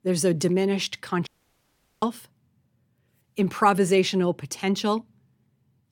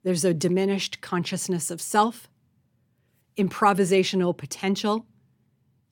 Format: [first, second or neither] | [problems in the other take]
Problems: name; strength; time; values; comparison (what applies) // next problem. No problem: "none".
second | audio cutting out; at 1.5 s for 1 s